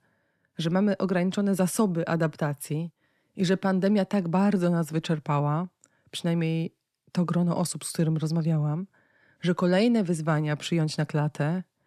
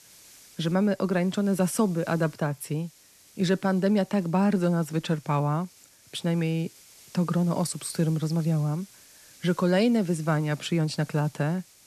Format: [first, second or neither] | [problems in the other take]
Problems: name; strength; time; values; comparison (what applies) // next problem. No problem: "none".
first | hiss; faint; throughout; 25 dB below the speech